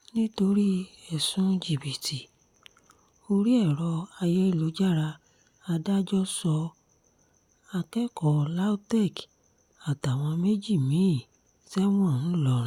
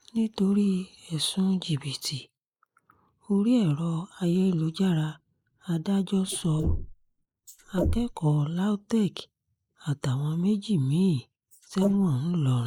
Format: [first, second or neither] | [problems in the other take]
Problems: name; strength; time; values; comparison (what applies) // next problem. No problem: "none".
first | noise reduction (neural mask model Resemble Enhance denoiser)